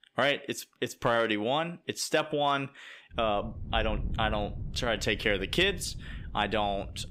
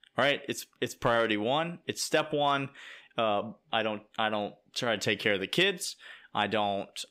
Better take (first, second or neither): second